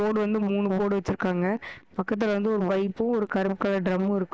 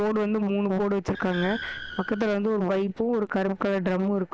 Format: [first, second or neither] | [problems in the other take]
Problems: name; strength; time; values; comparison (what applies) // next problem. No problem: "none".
first | background sound (Car); 14 dB below the speech